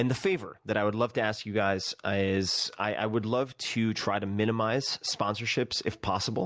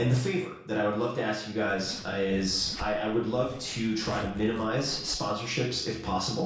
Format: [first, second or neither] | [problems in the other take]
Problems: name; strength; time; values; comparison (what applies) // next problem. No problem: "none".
first | background sound (Zipper (clothing)); 14 dB below the speech // room echo; dies away in 0.6 s